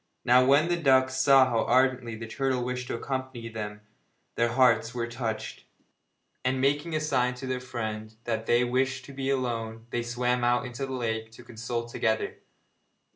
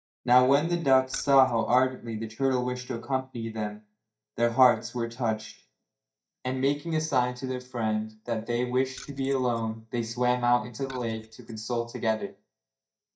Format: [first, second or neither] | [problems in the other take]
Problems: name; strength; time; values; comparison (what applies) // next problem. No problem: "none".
first | noise reduction (neural mask model DeepFilterNet 3)